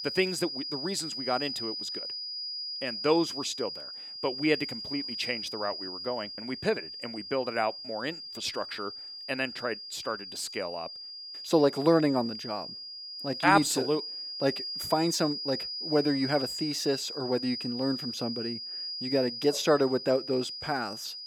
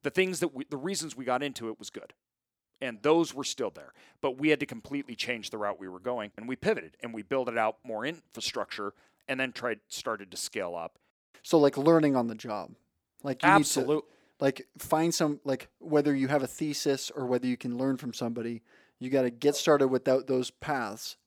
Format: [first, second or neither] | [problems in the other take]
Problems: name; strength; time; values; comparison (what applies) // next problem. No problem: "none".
second | high-pitched whine; loud; throughout; 5 kHz, 6 dB below the speech